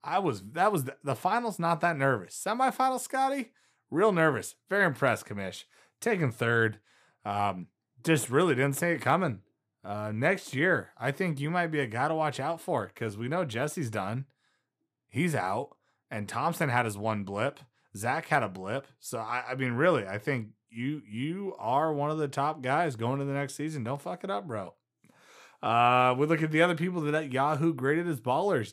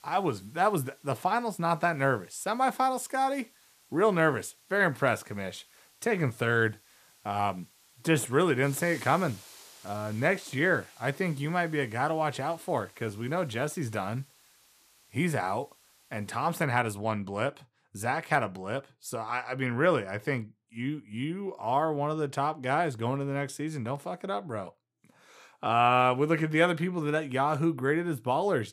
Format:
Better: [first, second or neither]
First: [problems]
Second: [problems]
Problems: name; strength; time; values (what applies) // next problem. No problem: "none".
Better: first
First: none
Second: hiss; faint; until 17 s; 25 dB below the speech